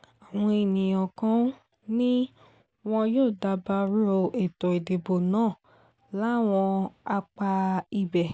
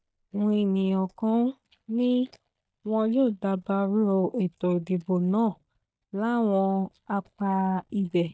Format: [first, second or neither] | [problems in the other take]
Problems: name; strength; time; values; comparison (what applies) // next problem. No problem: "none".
first | noise reduction (neural mask model DeepFilterNet 3)